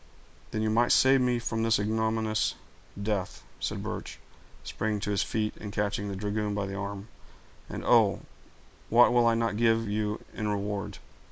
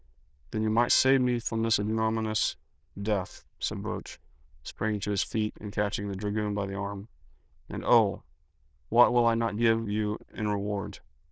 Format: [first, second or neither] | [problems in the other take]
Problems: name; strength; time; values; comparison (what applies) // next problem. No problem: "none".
first | noise reduction (neural diffusion model UNIVERSE++)